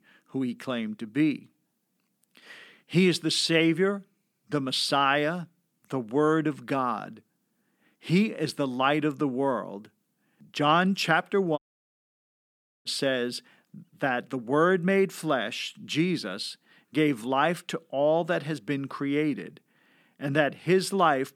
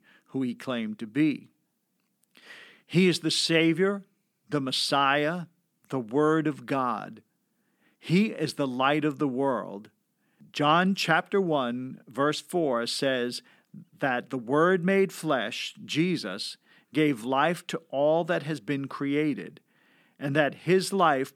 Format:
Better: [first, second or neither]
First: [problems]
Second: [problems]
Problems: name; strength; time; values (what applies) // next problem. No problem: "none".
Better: second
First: audio cutting out; at 12 s for 1.5 s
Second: none